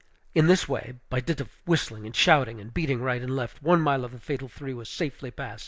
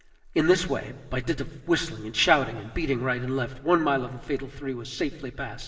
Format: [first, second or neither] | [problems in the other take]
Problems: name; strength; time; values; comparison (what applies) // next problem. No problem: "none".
first | room echo; dies away in 2.4 s